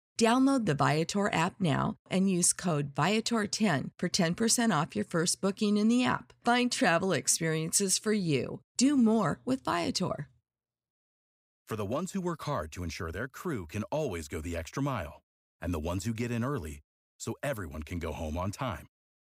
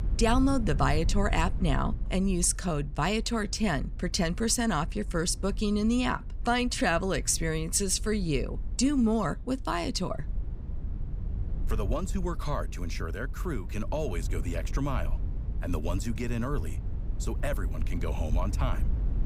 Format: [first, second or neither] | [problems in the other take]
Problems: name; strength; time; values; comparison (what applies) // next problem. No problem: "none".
first | low rumble; faint; throughout; 20 dB below the speech